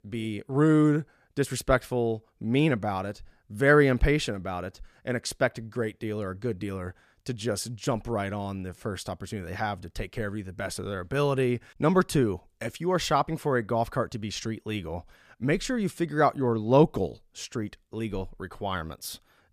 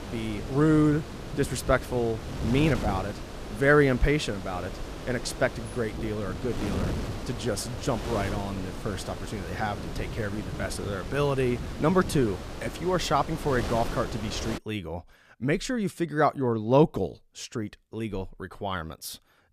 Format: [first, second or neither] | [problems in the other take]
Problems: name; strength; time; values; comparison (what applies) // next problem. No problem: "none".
first | wind noise on the microphone; occasional gusts; until 15 s; 10 dB below the speech